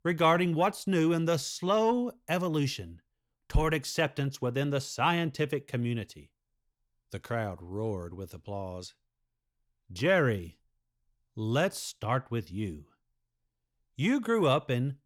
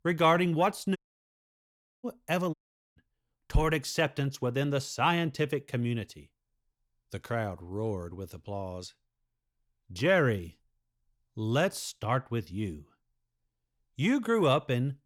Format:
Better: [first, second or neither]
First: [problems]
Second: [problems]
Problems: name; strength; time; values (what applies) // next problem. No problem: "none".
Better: first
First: none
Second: audio cutting out; at 1 s for 1 s and at 2.5 s